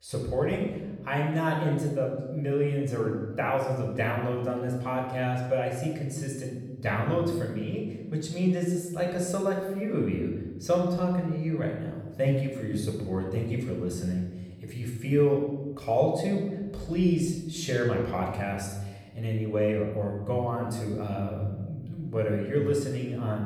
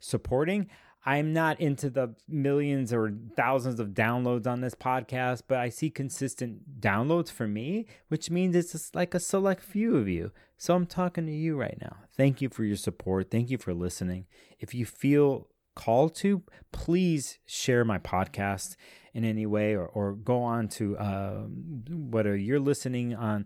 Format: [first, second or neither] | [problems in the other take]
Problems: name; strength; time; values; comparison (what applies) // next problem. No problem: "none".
second | off-mic speech; somewhat distant // room echo; noticeable; dies away in 1.2 s